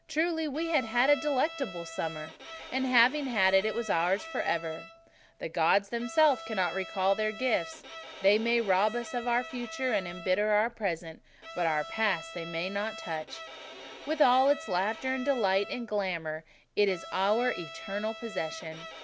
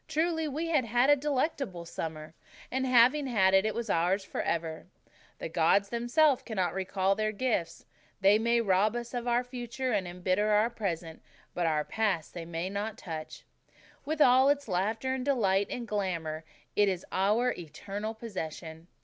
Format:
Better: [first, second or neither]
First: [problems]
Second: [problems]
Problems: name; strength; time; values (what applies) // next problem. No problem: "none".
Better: second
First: background sound (Bowed string instrument); 14 dB below the speech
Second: none